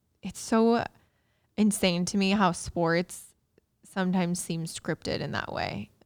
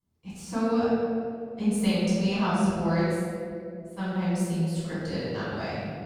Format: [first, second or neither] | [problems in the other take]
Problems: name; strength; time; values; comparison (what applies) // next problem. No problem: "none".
first | room echo; strong; dies away in 2.4 s // off-mic speech; far